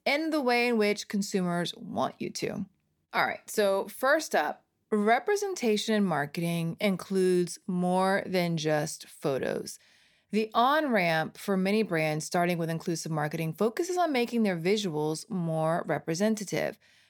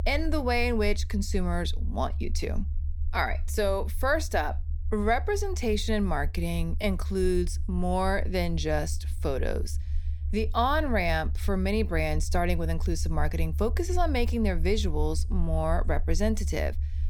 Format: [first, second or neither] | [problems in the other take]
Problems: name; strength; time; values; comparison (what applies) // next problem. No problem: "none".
first | low rumble; faint; throughout; 20 dB below the speech